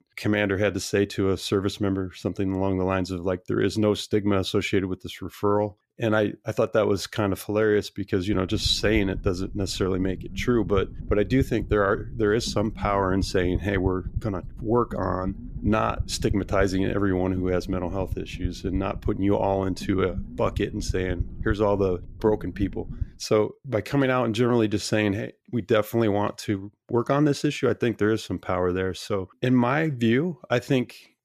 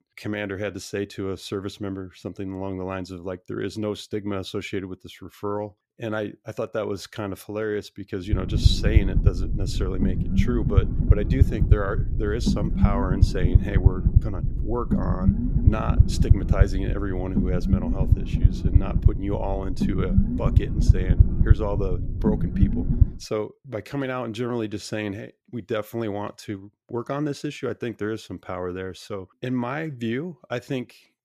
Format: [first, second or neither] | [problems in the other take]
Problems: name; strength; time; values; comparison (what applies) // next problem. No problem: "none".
first | low rumble; loud; from 8.5 to 23 s; 4 dB below the speech; faint in the first